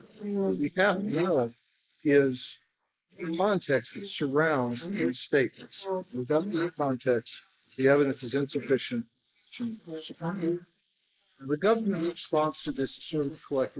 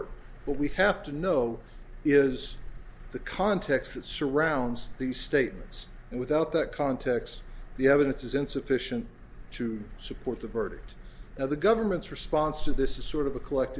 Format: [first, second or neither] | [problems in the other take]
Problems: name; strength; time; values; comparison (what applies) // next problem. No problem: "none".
second | noise reduction (neural mask model Resemble Enhance denoiser)